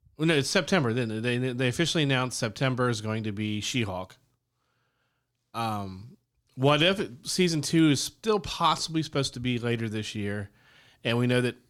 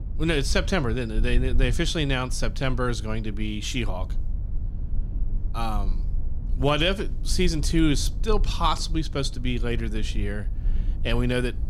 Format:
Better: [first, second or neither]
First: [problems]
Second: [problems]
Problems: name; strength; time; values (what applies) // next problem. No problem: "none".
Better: first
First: none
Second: low rumble; faint; throughout; 20 dB below the speech